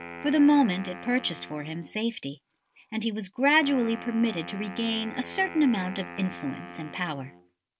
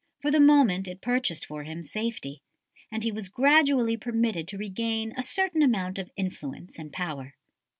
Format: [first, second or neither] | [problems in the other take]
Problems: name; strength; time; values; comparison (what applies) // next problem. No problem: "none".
second | background sound (Wind instrument, woodwind instrument); 15 dB below the speech